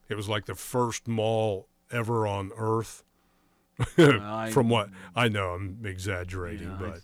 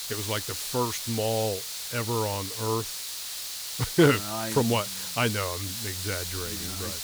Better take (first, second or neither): first